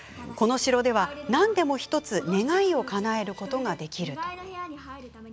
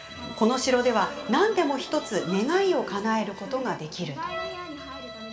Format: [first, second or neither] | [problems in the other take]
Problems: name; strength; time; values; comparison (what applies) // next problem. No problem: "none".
first | background sound (Bowed string instrument); 15 dB below the speech // room echo; dies away in 2.2 s